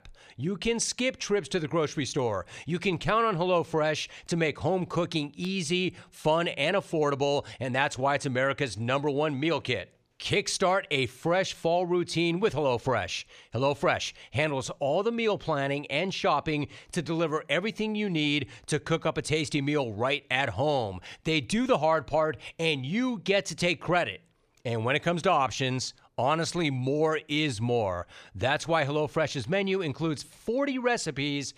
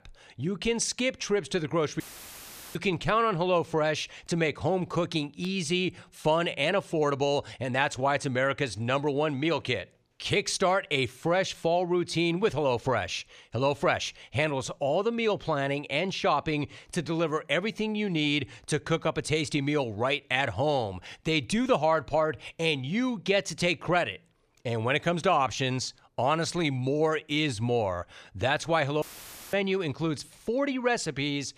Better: first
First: none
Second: audio cutting out; filled with static; at 2 s for 1 s and at 29 s for 0.5 s

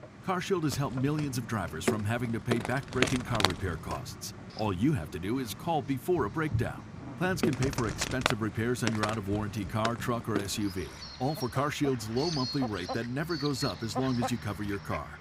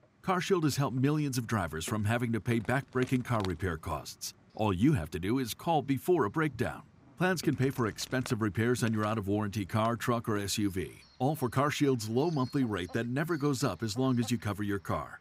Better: second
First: animal sounds; loud; throughout; 4 dB below the speech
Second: animal sounds; faint; throughout; 20 dB below the speech

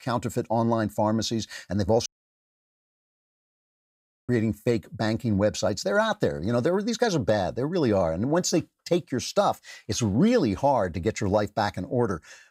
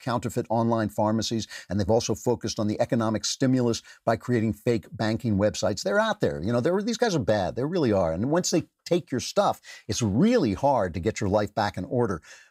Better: second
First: audio cutting out; at 2 s for 2 s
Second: none

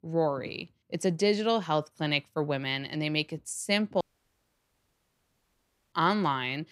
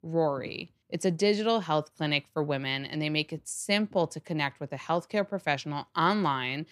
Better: second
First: audio cutting out; at 4 s for 2 s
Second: none

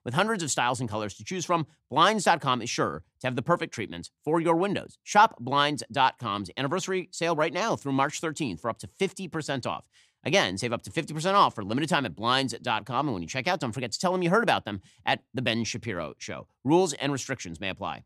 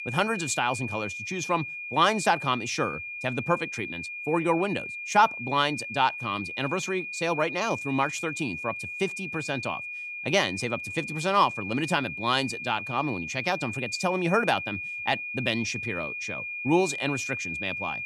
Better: first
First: none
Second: high-pitched whine; loud; throughout; 2.5 kHz, 6 dB below the speech

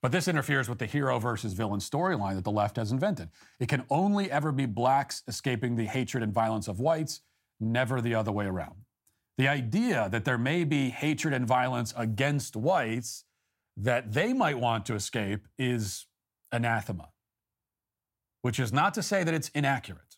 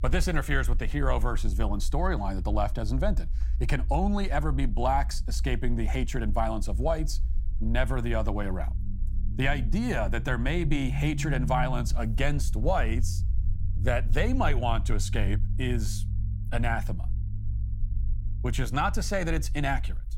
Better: first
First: none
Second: low rumble; noticeable; throughout; 20 dB below the speech

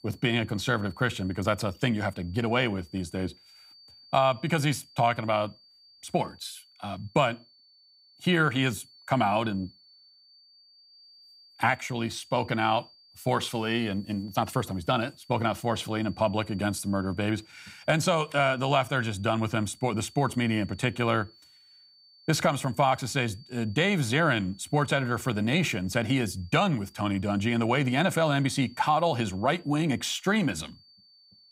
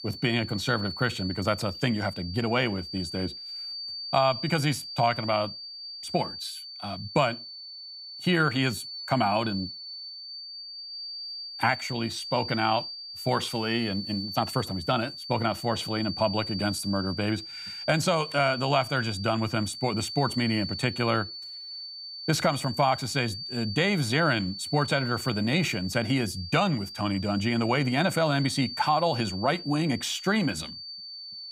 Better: first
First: high-pitched whine; faint; throughout; 4.5 kHz, 25 dB below the speech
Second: high-pitched whine; loud; throughout; 4.5 kHz, 9 dB below the speech

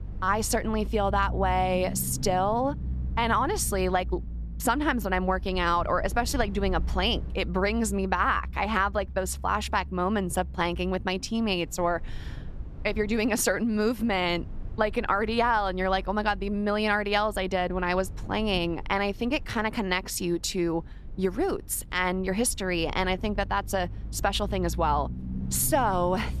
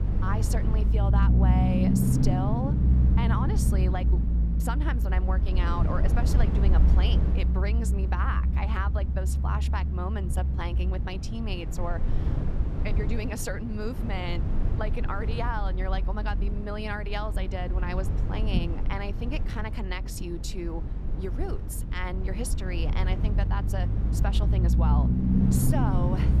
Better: first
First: low rumble; faint; throughout; 25 dB below the speech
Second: low rumble; loud; throughout; 4 dB below the speech

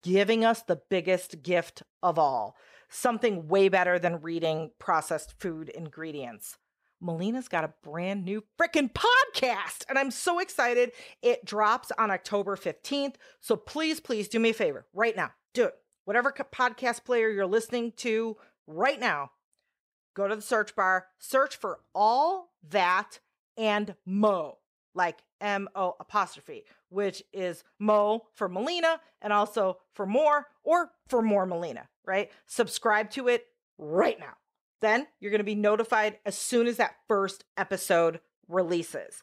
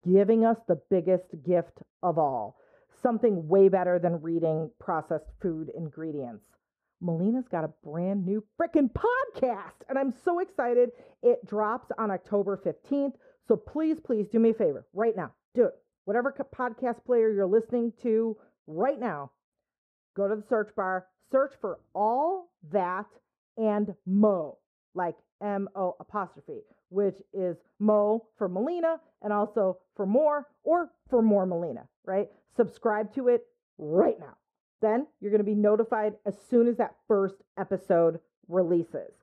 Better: first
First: none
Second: muffled; very; fading above 1.5 kHz

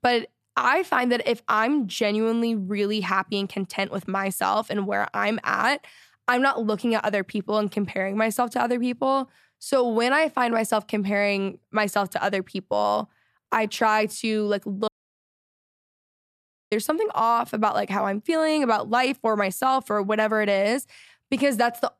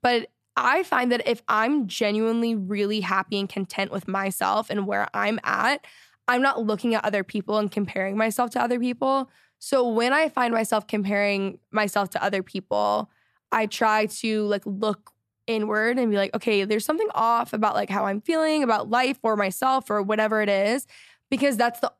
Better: second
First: audio cutting out; at 15 s for 2 s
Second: none

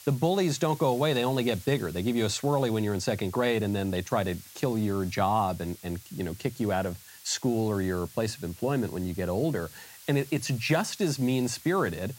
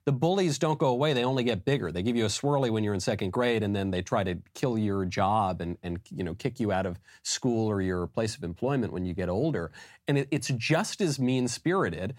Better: second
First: hiss; noticeable; throughout; 20 dB below the speech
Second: none

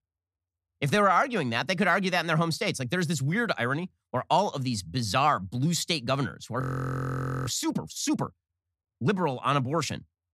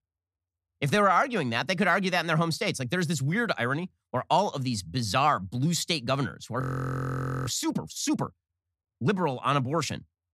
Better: neither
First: audio freezing; at 6.5 s for 1 s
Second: audio freezing; at 6.5 s for 1 s

